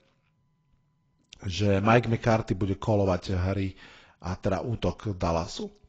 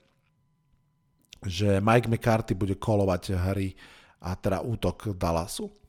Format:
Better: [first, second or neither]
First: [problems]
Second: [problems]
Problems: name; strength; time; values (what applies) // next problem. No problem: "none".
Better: second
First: garbled, watery; badly; nothing above 7.5 kHz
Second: none